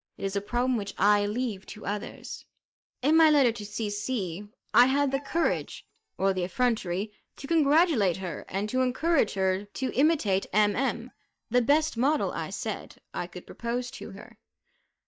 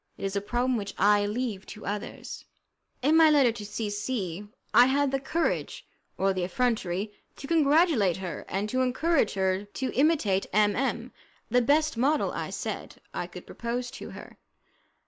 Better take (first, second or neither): second